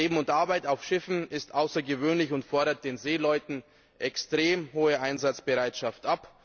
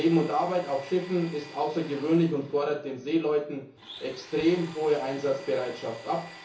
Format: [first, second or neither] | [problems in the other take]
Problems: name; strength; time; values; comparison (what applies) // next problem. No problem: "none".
first | background sound (Domestic sounds, home sounds); 19 dB below the speech // room echo; dies away in 0.7 s